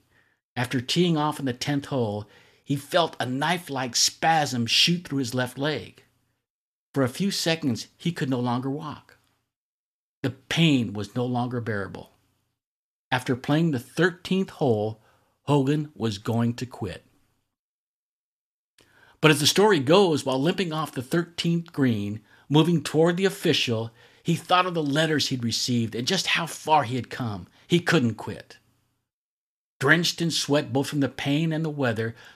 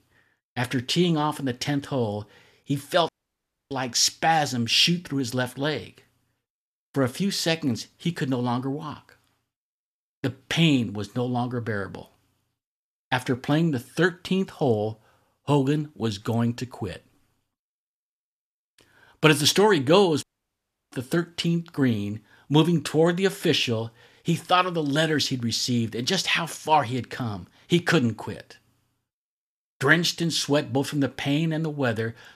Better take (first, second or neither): first